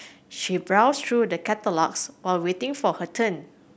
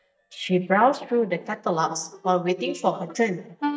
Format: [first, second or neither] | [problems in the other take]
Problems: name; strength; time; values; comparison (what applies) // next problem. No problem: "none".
first | noise reduction (neural mask model DeepFilterNet 3)